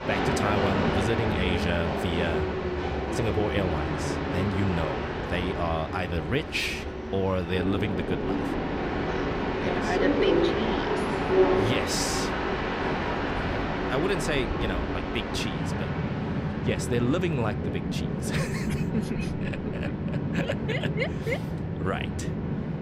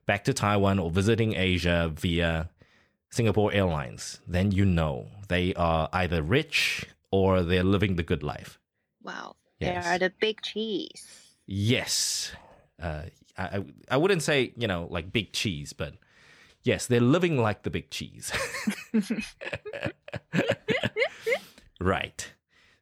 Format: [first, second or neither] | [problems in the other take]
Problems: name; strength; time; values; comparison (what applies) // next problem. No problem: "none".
second | train or aircraft noise; very loud; throughout; 2 dB above the speech